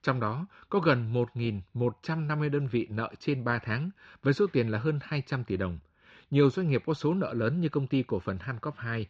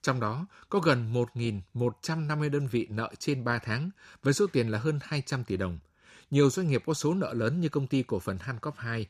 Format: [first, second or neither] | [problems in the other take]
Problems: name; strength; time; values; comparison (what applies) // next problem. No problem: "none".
second | muffled; slightly; fading above 4 kHz